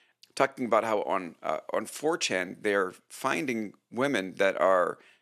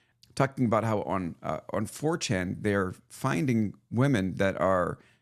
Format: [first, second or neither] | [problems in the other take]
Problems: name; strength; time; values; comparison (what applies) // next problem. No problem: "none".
second | thin; somewhat; fading below 400 Hz